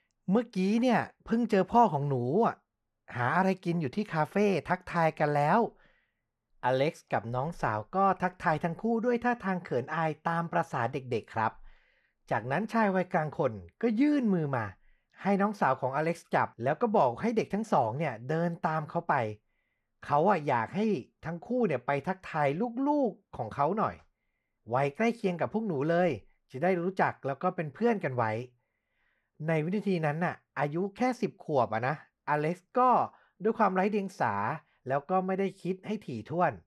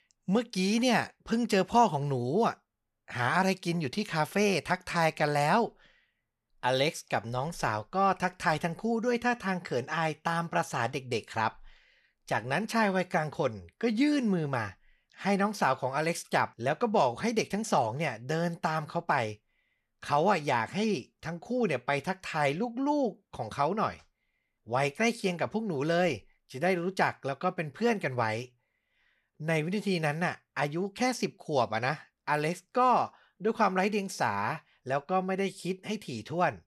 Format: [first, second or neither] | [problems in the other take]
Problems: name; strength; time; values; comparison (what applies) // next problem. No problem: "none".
second | muffled; slightly; fading above 2.5 kHz